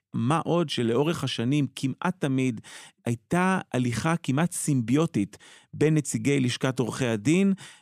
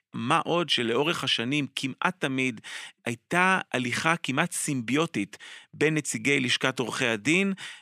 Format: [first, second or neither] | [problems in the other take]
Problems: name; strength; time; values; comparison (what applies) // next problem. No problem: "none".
first | thin; somewhat; fading below 300 Hz